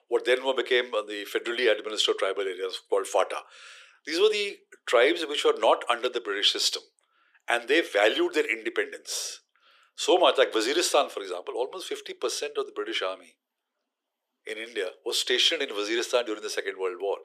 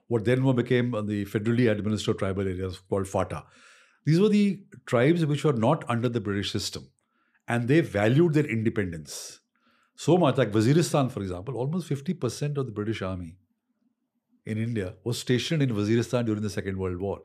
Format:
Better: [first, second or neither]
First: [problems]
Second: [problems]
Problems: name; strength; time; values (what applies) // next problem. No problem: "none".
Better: second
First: thin; very; fading below 400 Hz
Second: none